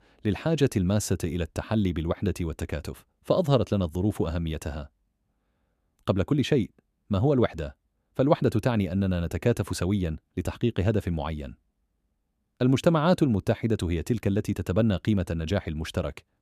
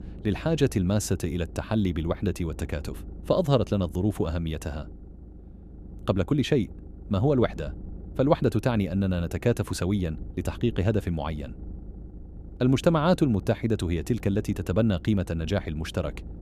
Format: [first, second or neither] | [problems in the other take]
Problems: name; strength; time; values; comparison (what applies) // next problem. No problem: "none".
first | low rumble; faint; throughout; 25 dB below the speech